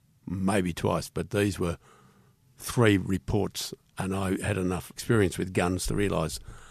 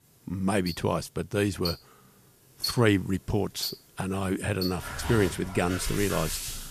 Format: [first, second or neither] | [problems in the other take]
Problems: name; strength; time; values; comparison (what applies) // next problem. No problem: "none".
first | household noises; loud; throughout; 7 dB below the speech